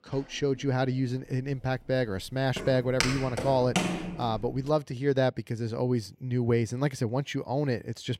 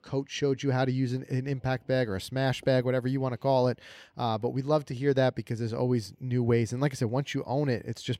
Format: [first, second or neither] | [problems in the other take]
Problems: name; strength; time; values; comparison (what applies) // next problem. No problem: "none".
second | footsteps; noticeable; from 2.5 to 4.5 s; peak level with the speech